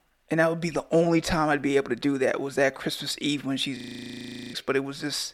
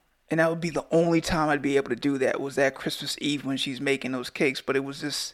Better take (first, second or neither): second